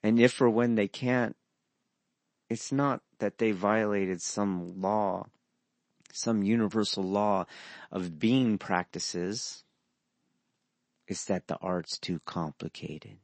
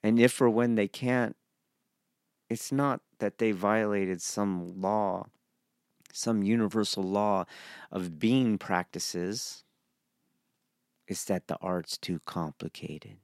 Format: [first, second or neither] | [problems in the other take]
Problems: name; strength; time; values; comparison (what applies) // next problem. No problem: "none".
second | garbled, watery; slightly; nothing above 8 kHz